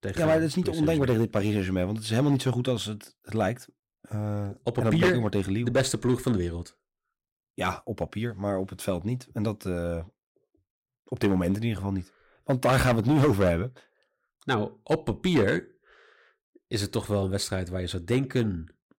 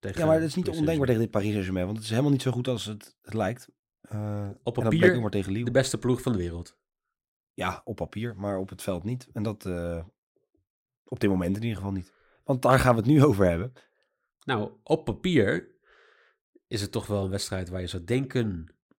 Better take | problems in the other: second | distortion; slight; 3% of the sound clipped

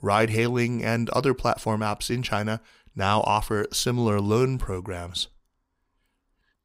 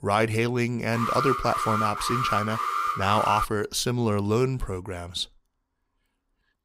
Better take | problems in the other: first | alarm; loud; from 1 to 3.5 s; peak level with the speech

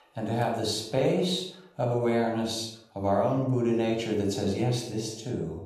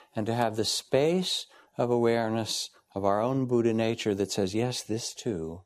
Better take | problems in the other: second | off-mic speech; somewhat distant // room echo; noticeable; dies away in 0.6 s

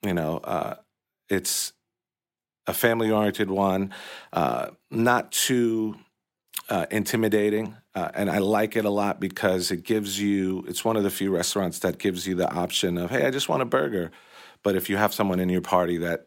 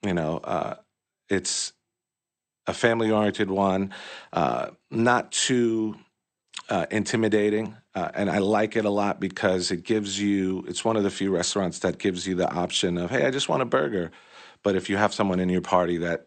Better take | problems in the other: first | garbled, watery; slightly; nothing above 8.5 kHz

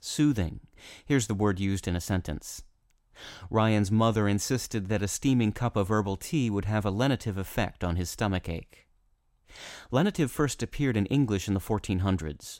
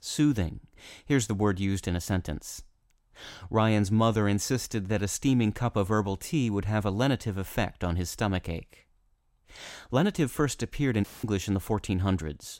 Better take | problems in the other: first | audio cutting out; filled with static; at 11 s

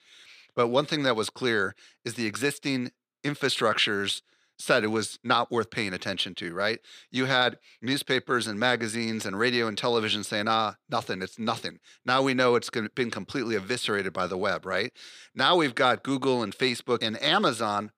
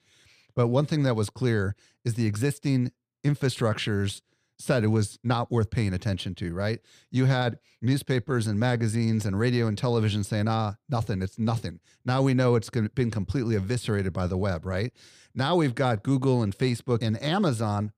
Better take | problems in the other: second | thin; somewhat; fading below 300 Hz

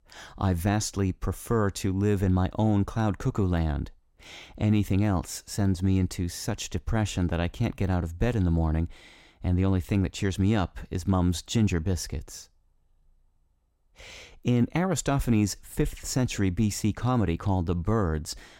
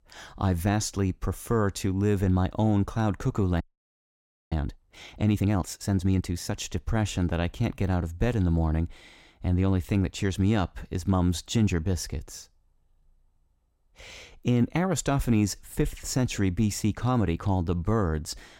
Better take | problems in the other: first | audio freezing; at 3.5 s for 1 s

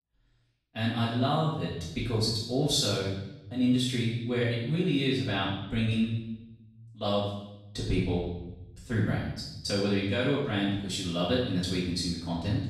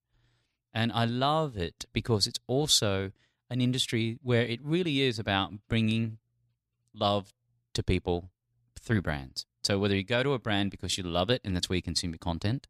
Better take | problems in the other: second | off-mic speech; far // room echo; noticeable; dies away in 0.9 s

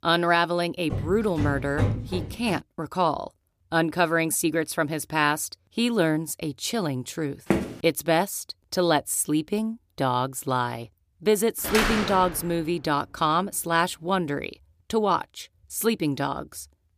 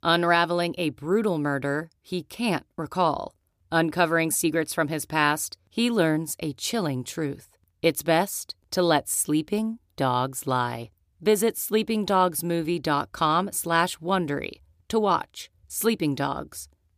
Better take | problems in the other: second | footsteps; noticeable; from 1 to 2.5 s and at 7.5 s; peak 1 dB below the speech // door banging; loud; at 12 s; peak 1 dB above the speech

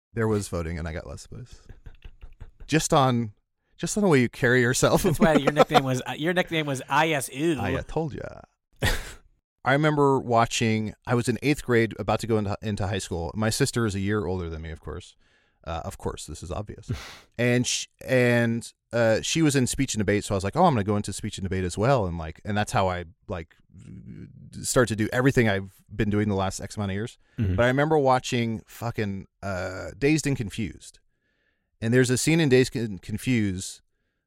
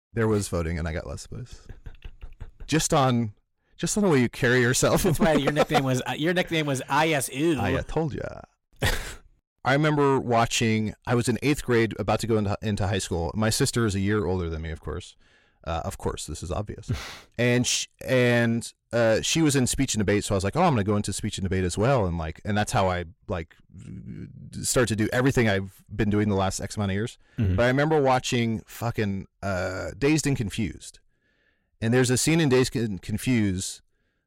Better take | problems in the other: first | distortion; slight; 10 dB below the speech

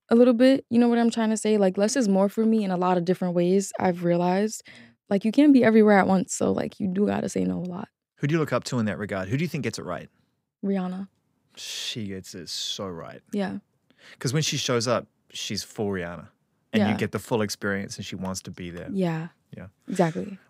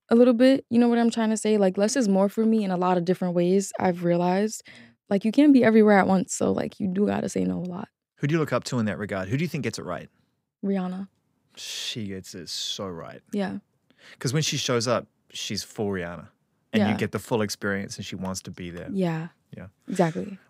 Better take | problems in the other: neither | none

